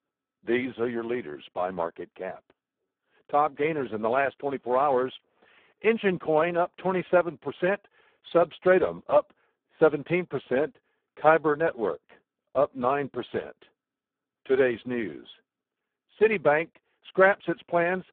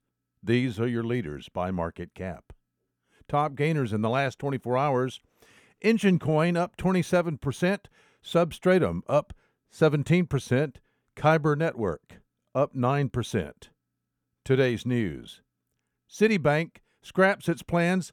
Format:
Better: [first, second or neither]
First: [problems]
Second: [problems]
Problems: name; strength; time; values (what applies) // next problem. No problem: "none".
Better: second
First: phone-call audio; poor line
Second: none